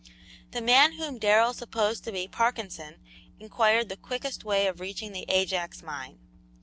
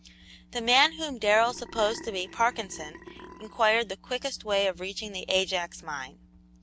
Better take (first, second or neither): first